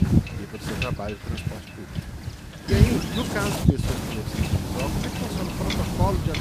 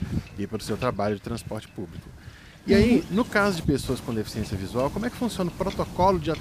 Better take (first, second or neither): second